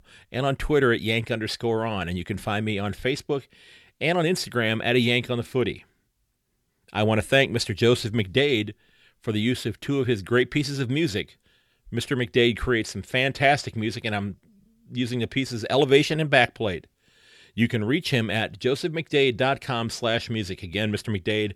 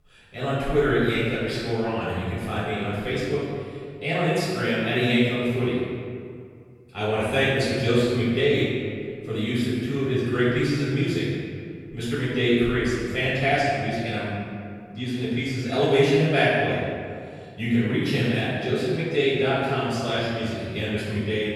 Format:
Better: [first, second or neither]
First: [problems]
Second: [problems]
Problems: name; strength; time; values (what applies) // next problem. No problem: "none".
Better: first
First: none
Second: off-mic speech; far // room echo; strong; dies away in 1.9 s